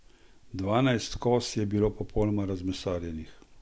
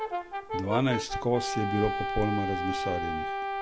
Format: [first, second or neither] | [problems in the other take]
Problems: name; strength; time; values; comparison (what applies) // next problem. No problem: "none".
first | background sound (Brass instrument); 2 dB below the speech